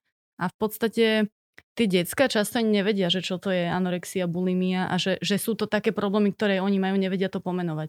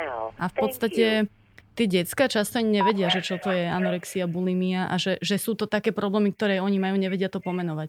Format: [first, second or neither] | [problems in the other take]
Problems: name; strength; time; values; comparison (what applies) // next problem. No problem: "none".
first | alarms or sirens; loud; throughout; 7 dB below the speech